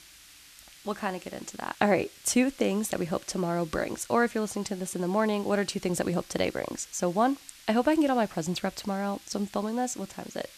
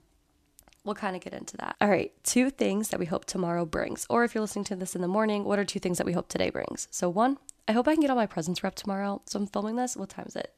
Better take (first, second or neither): second